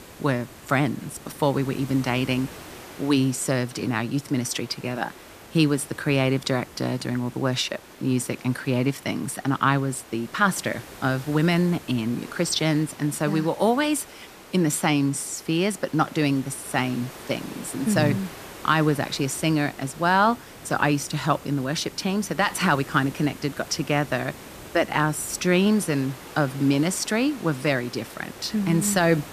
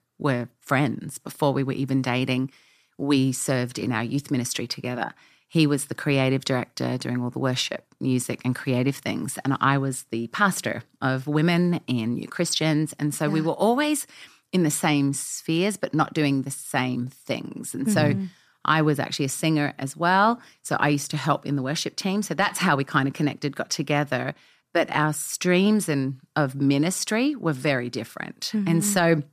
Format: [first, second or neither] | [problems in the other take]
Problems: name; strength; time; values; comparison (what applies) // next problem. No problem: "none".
second | hiss; noticeable; throughout; 20 dB below the speech